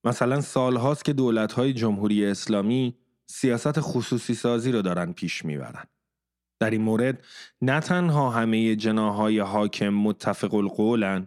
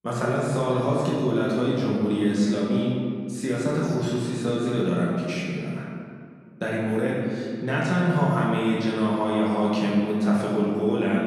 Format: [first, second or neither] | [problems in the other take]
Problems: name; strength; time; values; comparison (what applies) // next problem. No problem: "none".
first | room echo; strong; dies away in 1.8 s // off-mic speech; far